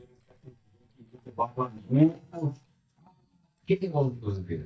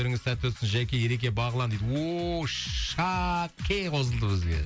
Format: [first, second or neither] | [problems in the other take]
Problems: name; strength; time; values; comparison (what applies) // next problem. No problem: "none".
second | noise reduction (neural mask model DeepFilterNet 3)